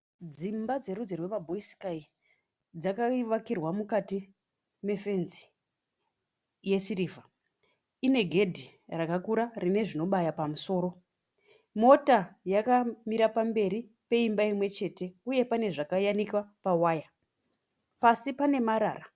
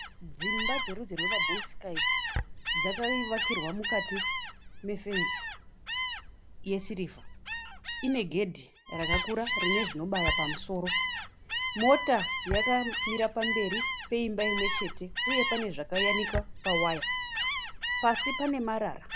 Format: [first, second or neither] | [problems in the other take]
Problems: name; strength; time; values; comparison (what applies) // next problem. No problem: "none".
first | background sound (Gull, seagull); as loud as the speech